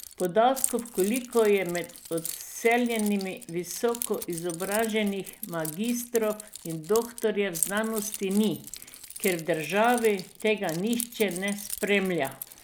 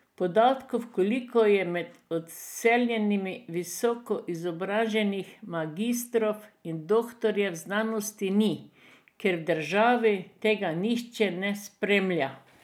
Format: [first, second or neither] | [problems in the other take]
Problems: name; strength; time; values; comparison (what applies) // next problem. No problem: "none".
second | background sound (Keys jangling); 11 dB below the speech